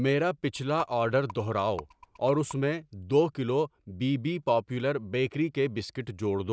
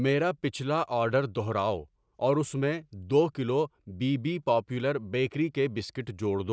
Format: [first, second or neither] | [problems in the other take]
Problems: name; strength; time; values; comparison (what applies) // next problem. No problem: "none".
second | background sound (Rattle); 19 dB below the speech